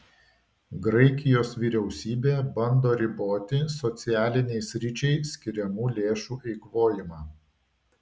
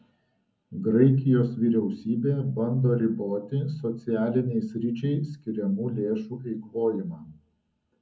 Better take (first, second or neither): first